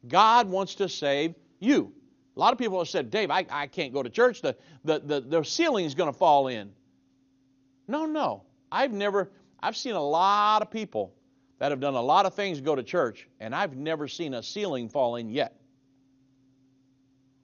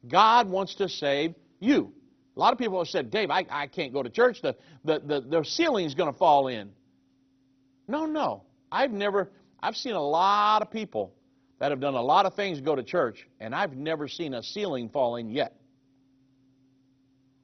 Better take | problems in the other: first | garbled, watery; badly; nothing above 6 kHz; slightly in the first

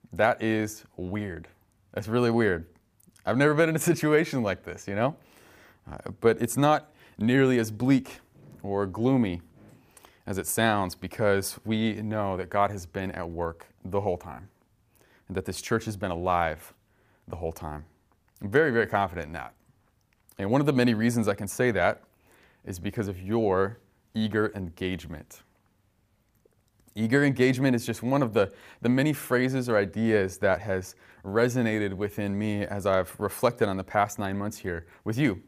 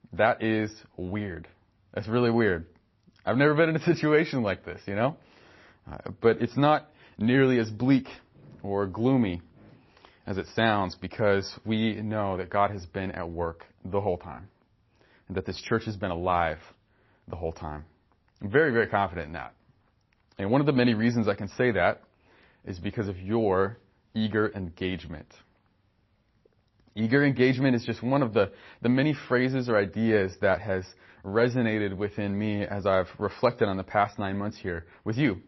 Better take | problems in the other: first | garbled, watery; slightly; nothing above 5.5 kHz

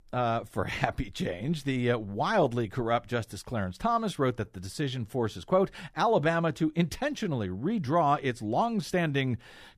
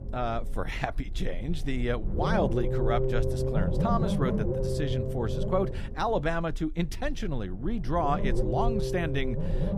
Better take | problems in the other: first | low rumble; loud; throughout; 3 dB below the speech

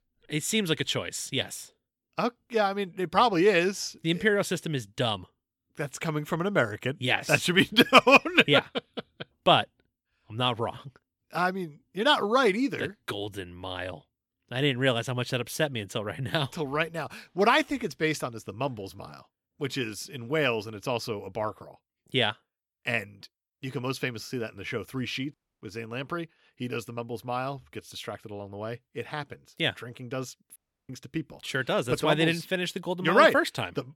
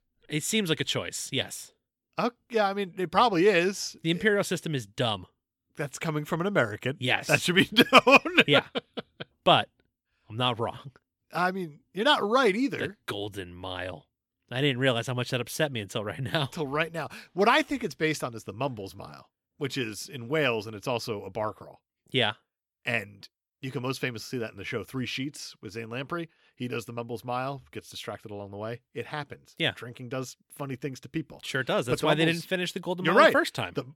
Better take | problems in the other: second | audio cutting out; at 25 s and at 31 s

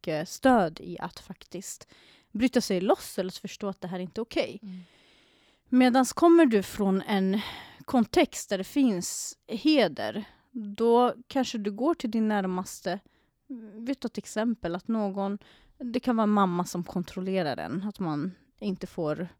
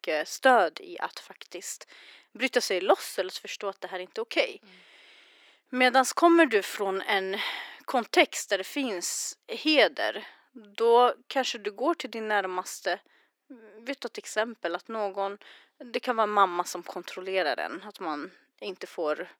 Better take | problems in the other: first | thin; very; fading below 350 Hz

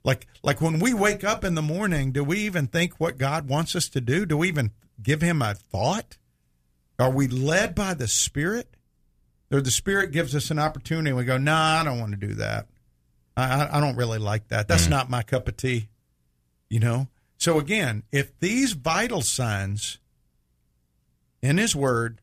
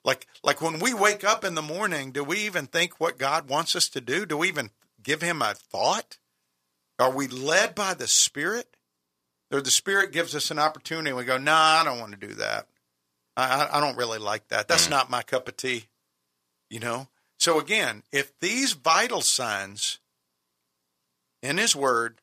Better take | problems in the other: first | thin; somewhat; fading below 350 Hz

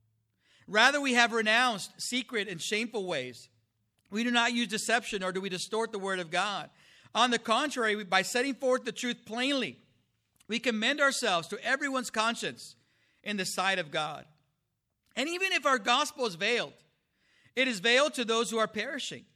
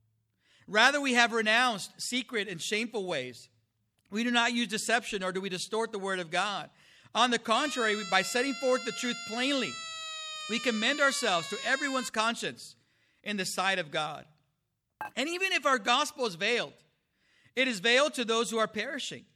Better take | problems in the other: first | siren; noticeable; from 7.5 to 12 s; peak 8 dB below the speech // clattering dishes; faint; at 15 s; peak 15 dB below the speech

